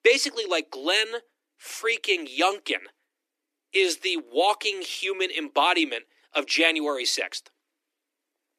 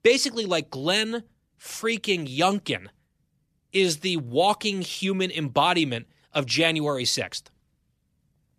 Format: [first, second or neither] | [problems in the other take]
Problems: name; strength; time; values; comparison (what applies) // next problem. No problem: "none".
second | thin; somewhat; fading below 300 Hz